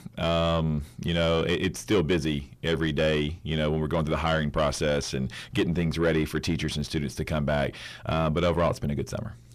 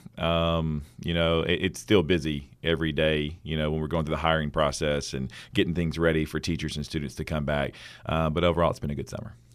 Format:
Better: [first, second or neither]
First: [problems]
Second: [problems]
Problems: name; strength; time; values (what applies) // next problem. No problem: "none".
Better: second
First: distortion; slight; 10 dB below the speech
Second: none